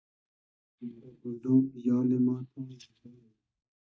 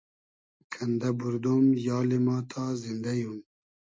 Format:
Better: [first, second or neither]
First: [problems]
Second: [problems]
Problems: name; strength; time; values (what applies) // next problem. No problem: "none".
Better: second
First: noise reduction (neural mask model DeepFilterNet 3)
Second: none